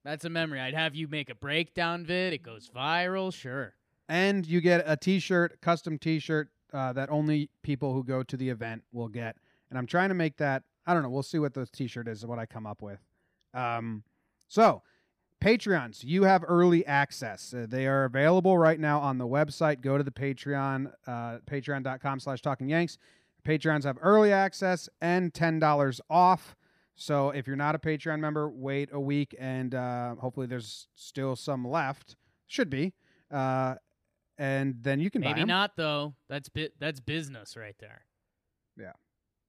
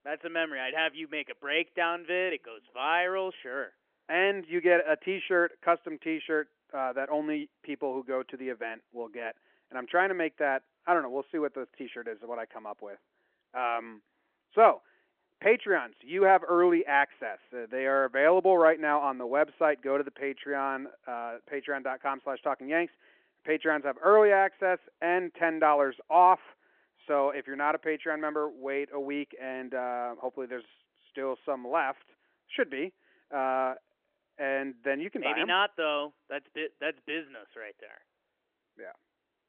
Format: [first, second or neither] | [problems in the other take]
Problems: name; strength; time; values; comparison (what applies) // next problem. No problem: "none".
first | phone-call audio